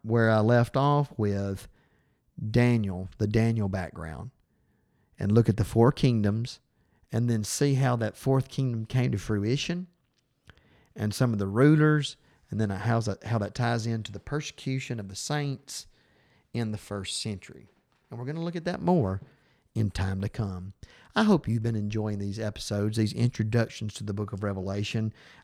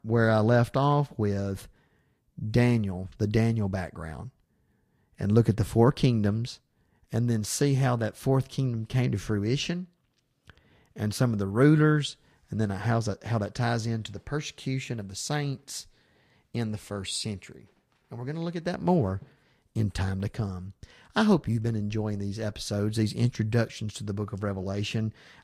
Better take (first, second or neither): first